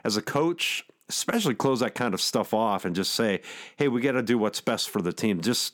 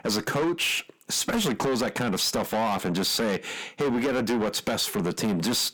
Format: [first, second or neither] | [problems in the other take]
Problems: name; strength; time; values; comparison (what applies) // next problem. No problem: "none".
first | distortion; heavy; 7 dB below the speech